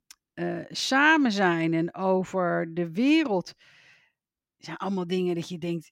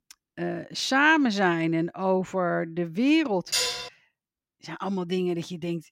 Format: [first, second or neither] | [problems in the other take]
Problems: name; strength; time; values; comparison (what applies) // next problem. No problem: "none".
first | clattering dishes; loud; at 3.5 s; peak level with the speech